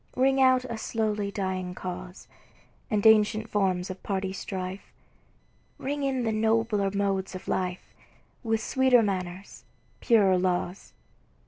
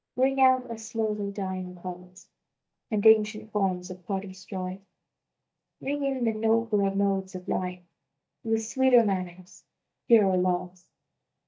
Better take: first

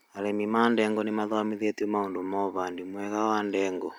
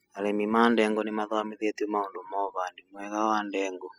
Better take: first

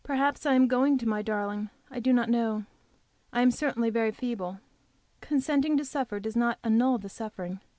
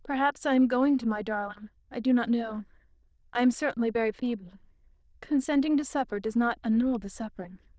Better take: first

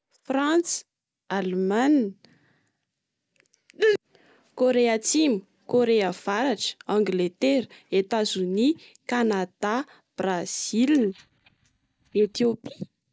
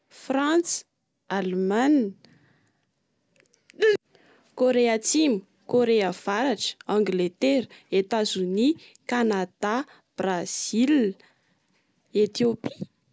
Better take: second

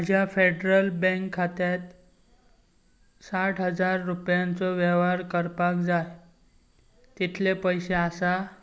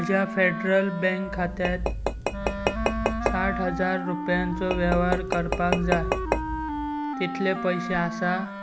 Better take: first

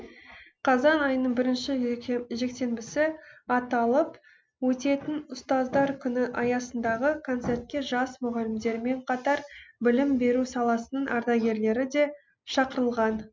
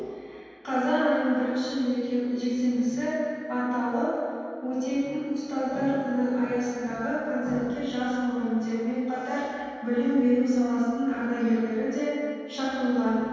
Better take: first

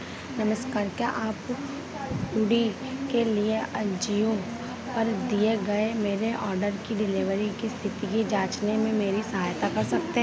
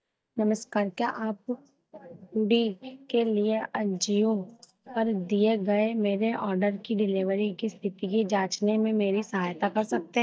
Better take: first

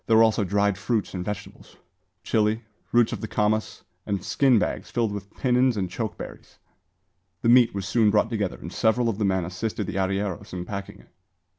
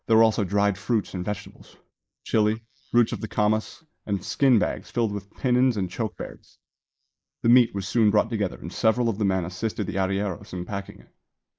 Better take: first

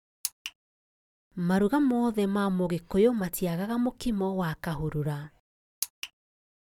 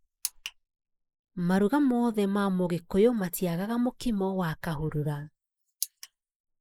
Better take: first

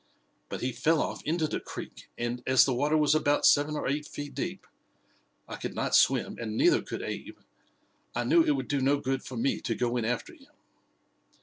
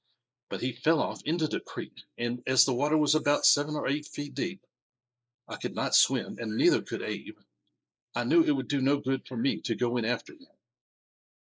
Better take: first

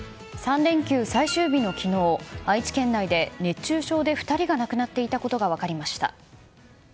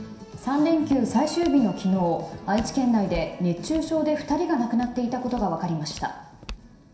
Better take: first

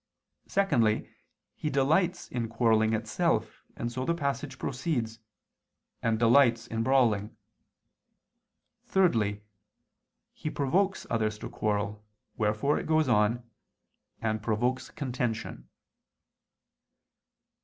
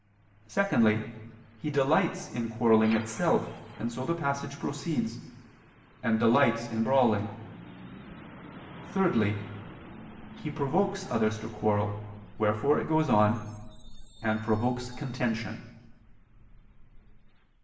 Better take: first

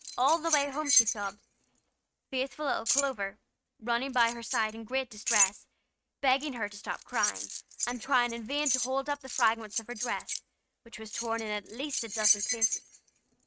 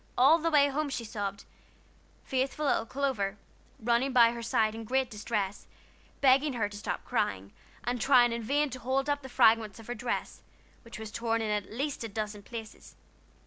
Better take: second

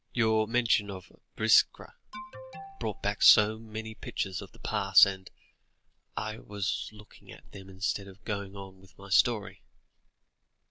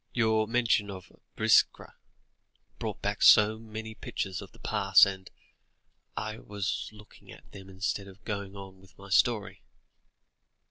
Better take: second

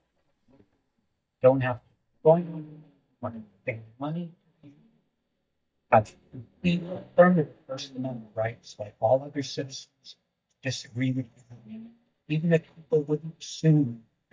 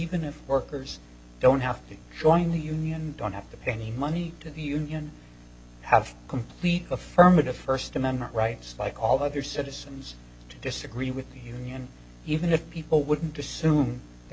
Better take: second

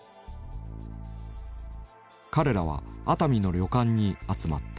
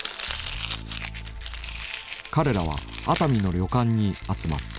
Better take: first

